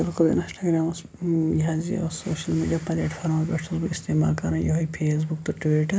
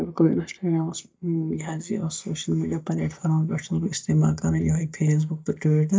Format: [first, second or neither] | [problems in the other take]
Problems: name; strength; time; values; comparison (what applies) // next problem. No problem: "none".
first | noise reduction (neural mask model DeepFilterNet 3)